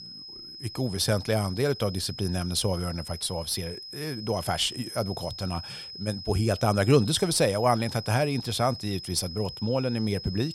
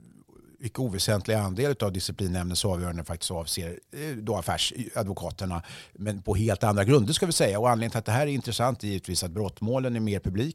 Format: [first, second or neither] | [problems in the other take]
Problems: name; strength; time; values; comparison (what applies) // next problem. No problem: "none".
second | high-pitched whine; noticeable; throughout; 5 kHz, 10 dB below the speech